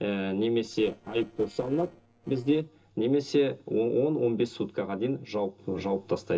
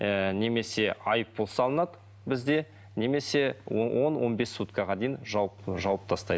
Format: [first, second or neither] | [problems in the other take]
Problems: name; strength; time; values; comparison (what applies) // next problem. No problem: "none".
second | noise reduction (neural separator model SepFormer DNS4)